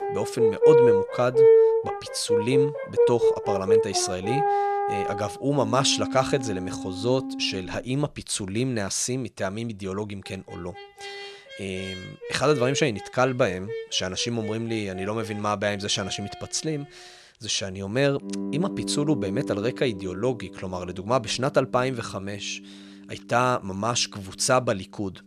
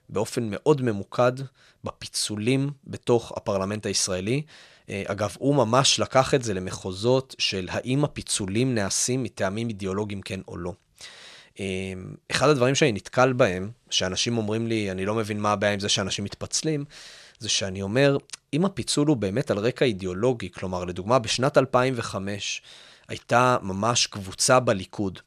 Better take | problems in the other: second | background music; very loud; throughout; 2 dB above the speech

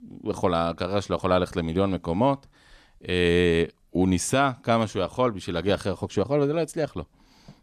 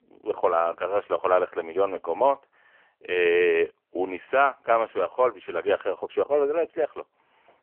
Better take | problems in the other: first | phone-call audio; poor line

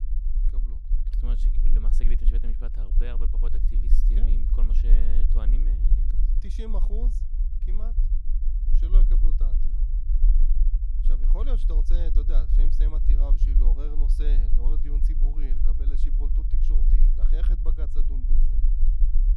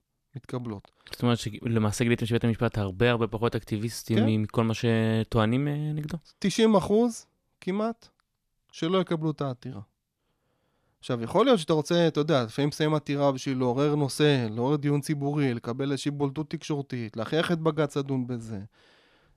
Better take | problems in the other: second | low rumble; loud; throughout; 4 dB below the speech

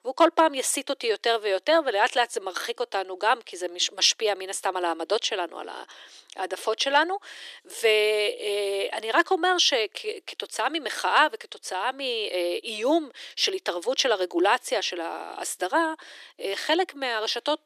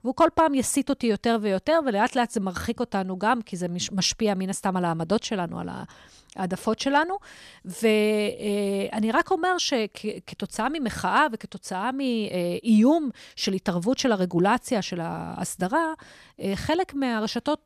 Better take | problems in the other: second | thin; very; fading below 350 Hz

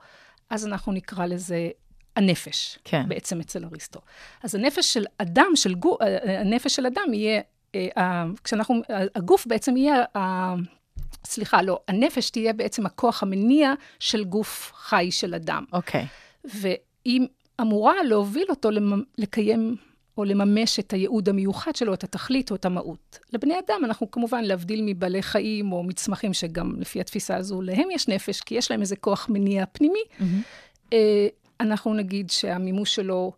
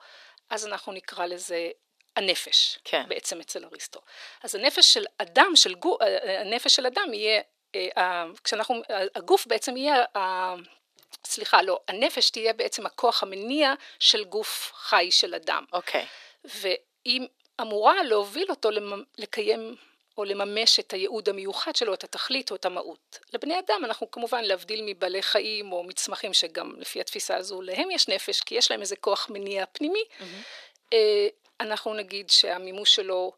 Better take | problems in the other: first | thin; very; fading below 400 Hz

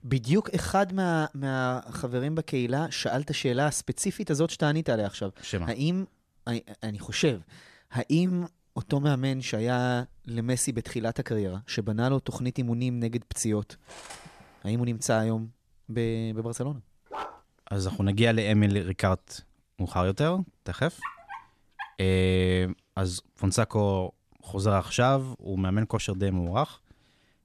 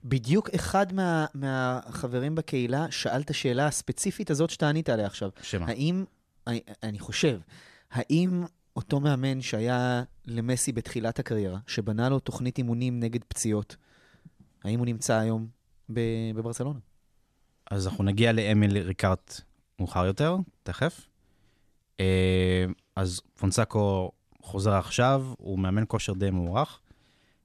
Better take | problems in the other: second | clattering dishes; faint; at 14 s; peak 15 dB below the speech // dog barking; faint; at 17 s and at 21 s; peak 10 dB below the speech

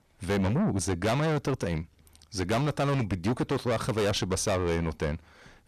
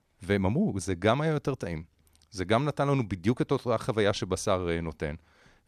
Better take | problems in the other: second | distortion; heavy; 6 dB below the speech

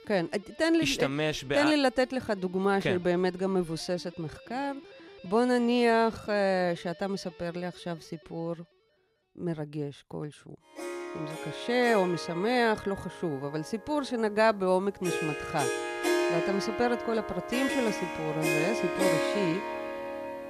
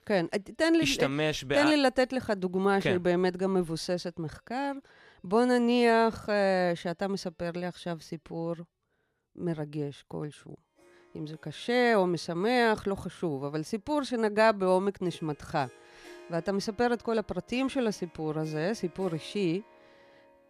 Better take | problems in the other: second | background music; loud; throughout; 3 dB below the speech; faint in the second

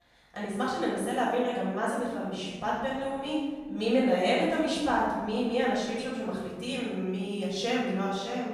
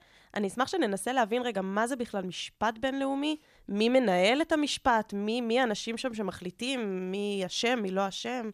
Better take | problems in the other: second | off-mic speech; far // room echo; strong; dies away in 1.8 s

